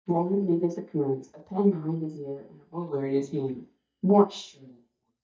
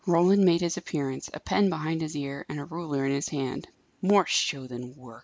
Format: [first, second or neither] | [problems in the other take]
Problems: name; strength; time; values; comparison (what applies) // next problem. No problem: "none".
second | noise reduction (neural mask model DeepFilterNet 3)